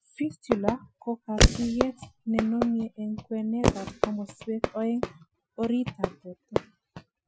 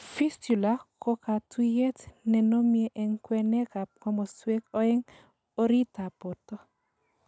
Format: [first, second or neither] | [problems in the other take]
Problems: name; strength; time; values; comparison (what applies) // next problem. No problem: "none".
second | noise reduction (classical method Wiener filter)